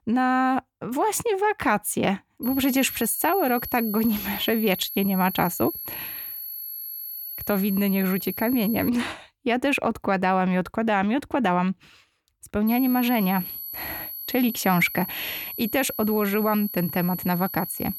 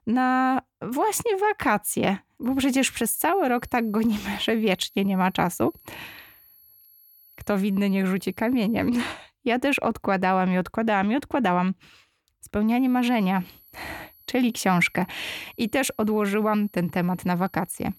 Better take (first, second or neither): second